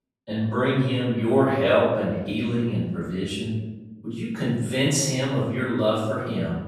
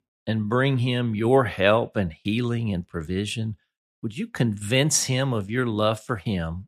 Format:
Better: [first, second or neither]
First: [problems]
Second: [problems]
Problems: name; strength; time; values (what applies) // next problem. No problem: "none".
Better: second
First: room echo; noticeable; dies away in 0.9 s // off-mic speech; far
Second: none